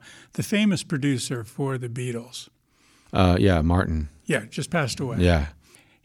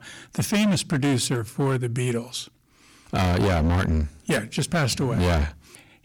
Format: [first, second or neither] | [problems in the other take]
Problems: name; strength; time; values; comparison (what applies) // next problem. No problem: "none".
first | distortion; heavy; 16% of the sound clipped